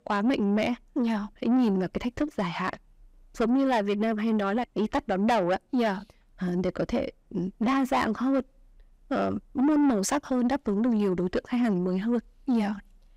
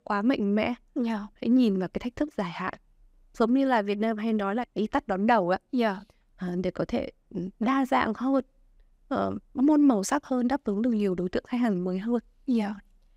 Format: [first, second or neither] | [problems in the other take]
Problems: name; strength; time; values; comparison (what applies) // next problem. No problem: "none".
second | distortion; slight; 10 dB below the speech